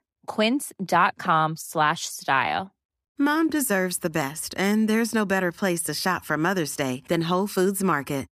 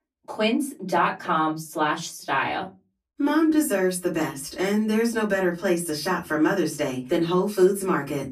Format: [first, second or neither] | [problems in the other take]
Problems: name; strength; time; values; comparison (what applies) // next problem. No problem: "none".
first | off-mic speech; far // room echo; very slight; dies away in 0.2 s